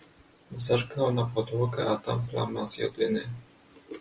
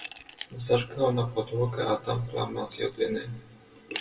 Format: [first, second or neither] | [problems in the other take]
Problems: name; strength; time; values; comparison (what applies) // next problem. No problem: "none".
first | background sound (Glass); 17 dB below the speech // room echo; dies away in 1.5 s